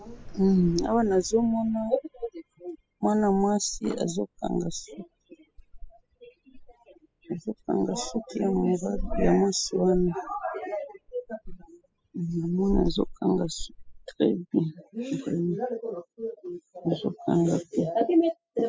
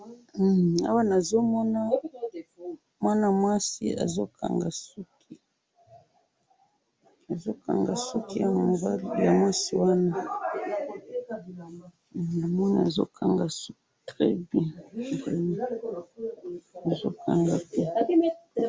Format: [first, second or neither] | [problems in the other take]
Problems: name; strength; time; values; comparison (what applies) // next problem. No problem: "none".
second | noise reduction (classical method spectral subtraction)